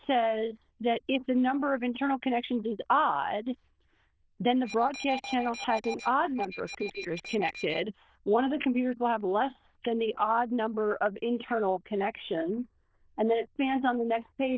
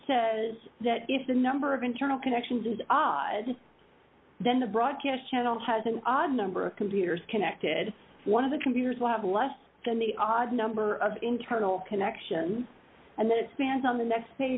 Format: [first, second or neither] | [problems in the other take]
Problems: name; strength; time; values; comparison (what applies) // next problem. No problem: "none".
second | noise reduction (neural diffusion model UNIVERSE++)